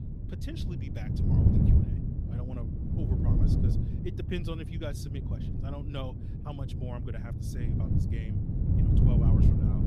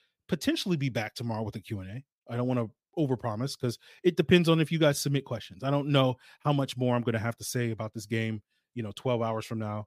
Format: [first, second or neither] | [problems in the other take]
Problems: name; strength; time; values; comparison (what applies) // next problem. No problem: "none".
second | wind noise on the microphone; heavy; 4 dB above the speech